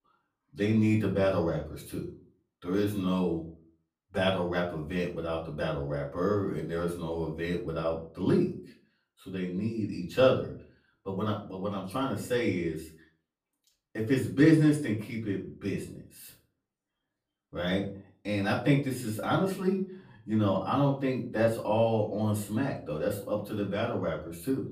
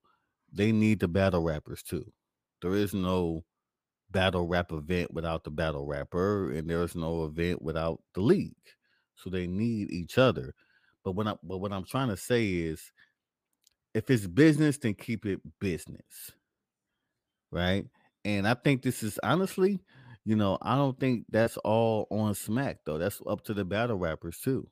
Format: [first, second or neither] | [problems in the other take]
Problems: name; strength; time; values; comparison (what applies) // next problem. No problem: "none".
second | off-mic speech; far // room echo; slight; dies away in 0.3 s